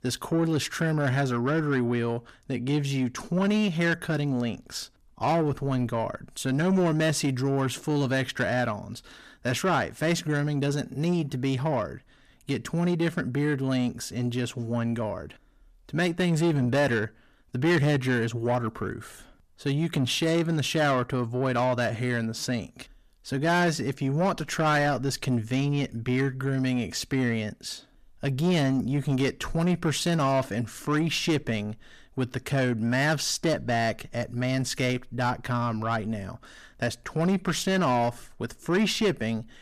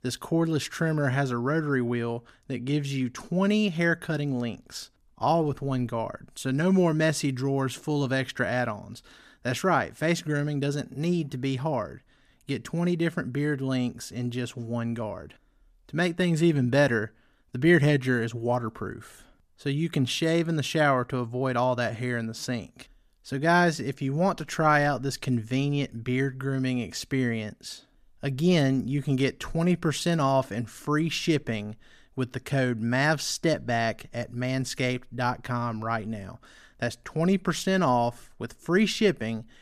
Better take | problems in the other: second | distortion; slight; 10 dB below the speech

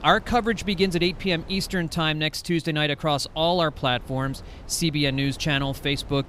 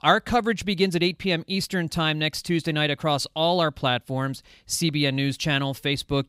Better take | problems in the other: second | wind noise on the microphone; occasional gusts; 25 dB below the speech

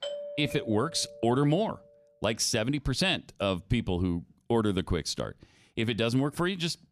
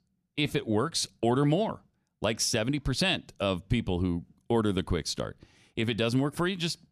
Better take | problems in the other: second | doorbell; noticeable; until 1.5 s; peak 8 dB below the speech

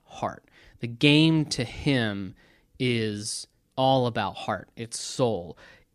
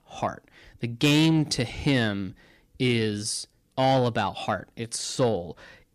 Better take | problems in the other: first | distortion; slight; 10 dB below the speech

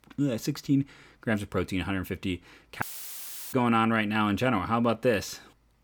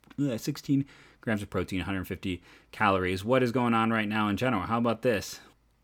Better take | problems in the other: second | audio cutting out; filled with static; at 3 s for 0.5 s

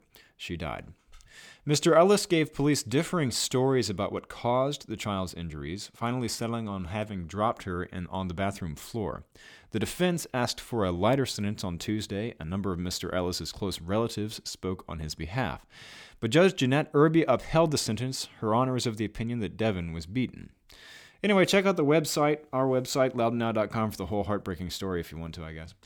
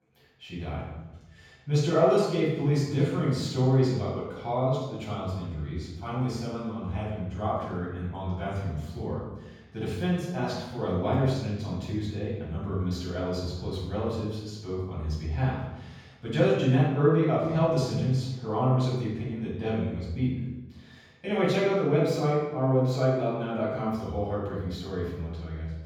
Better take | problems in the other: first | room echo; strong; dies away in 1.3 s // off-mic speech; far

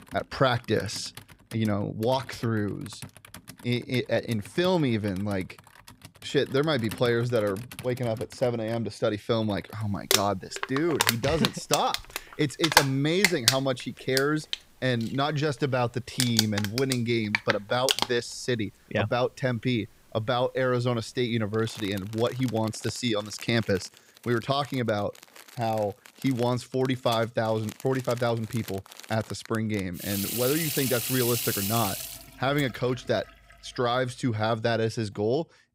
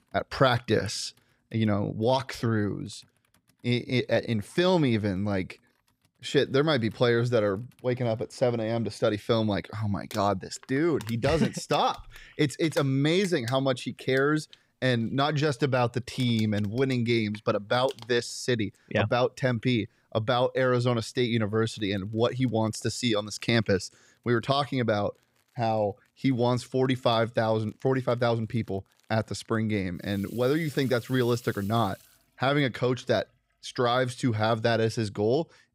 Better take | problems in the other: second | household noises; loud; throughout; 1 dB below the speech; faint in the second

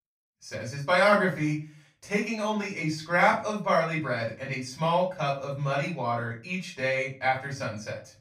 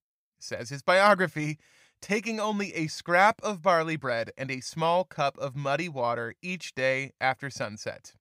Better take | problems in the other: second | off-mic speech; far // room echo; slight; dies away in 0.3 s

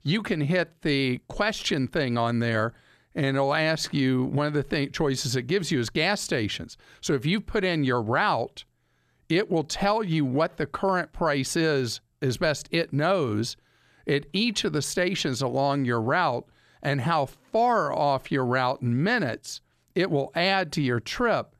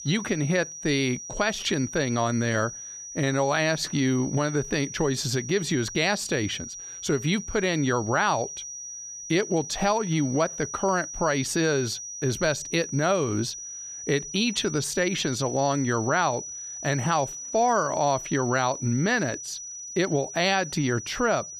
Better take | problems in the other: first | high-pitched whine; loud; throughout; 6 kHz, 9 dB below the speech

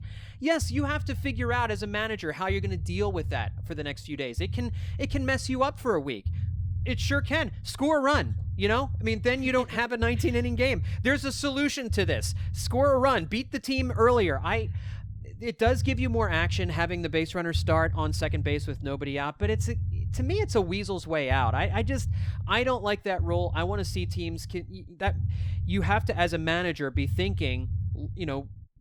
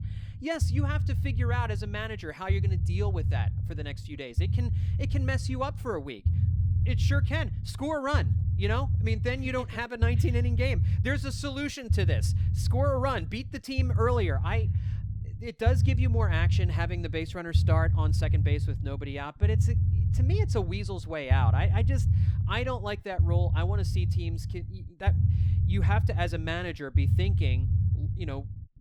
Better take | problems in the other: first | low rumble; loud; throughout; 9 dB below the speech; faint in the first

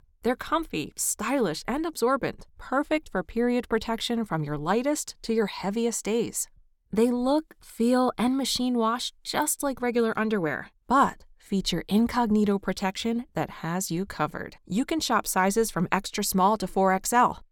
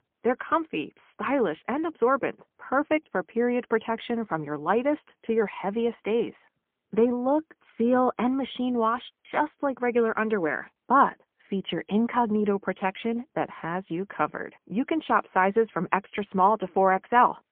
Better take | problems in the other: first | phone-call audio; poor line; nothing above 3.5 kHz

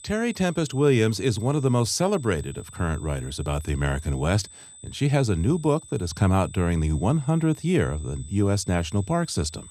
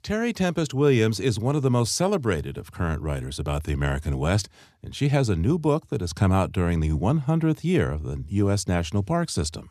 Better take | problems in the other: second | high-pitched whine; noticeable; throughout; 8 kHz, 20 dB below the speech

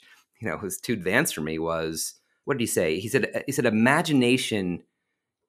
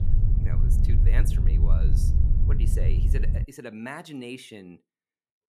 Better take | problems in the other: first | low rumble; loud; until 3.5 s; 1 dB below the speech

